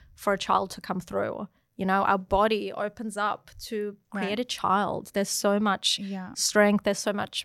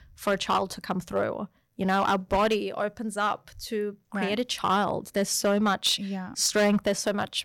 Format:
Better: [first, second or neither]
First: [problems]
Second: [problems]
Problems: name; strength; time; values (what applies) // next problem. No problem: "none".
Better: first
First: none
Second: distortion; slight; 4% of the sound clipped